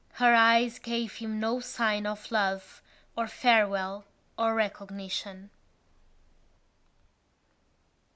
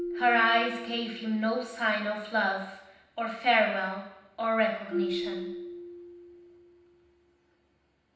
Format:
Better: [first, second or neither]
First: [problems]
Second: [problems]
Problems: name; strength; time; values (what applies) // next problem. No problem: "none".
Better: first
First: none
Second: background sound (Marimba, xylophone); 10 dB below the speech // room echo; dies away in 0.9 s